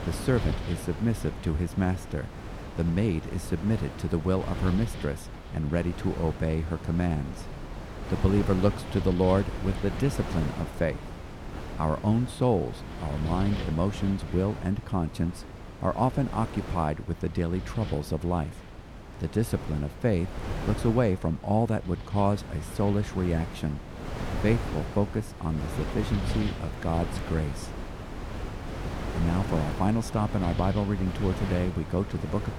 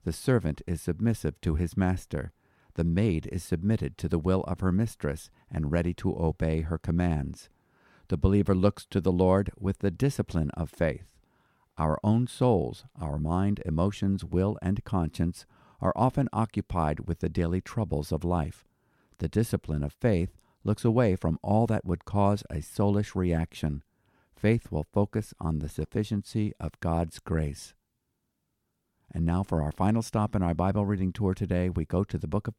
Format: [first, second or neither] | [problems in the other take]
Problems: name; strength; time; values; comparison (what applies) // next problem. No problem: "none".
second | wind noise on the microphone; heavy; 8 dB below the speech